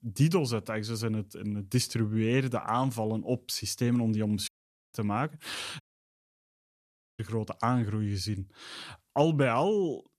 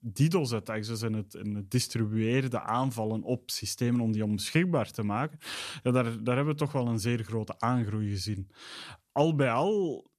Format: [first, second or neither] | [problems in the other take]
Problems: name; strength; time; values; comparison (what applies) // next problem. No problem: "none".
second | audio cutting out; at 4.5 s and at 6 s for 1.5 s